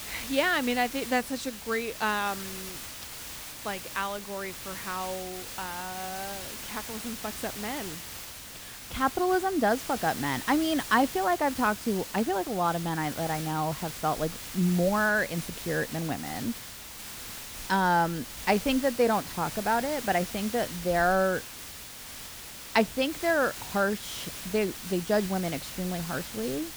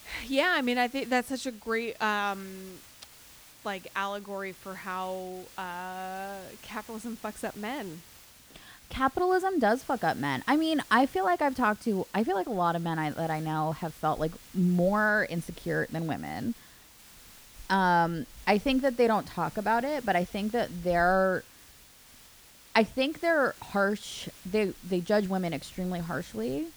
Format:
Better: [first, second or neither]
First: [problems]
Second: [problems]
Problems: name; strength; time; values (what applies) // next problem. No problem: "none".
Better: second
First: hiss; loud; throughout; 9 dB below the speech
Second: hiss; faint; throughout; 20 dB below the speech